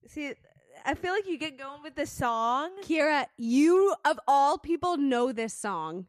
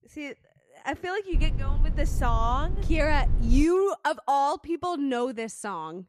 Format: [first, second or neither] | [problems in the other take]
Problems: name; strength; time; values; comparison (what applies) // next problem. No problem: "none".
first | low rumble; noticeable; from 1.5 to 3.5 s; 20 dB below the speech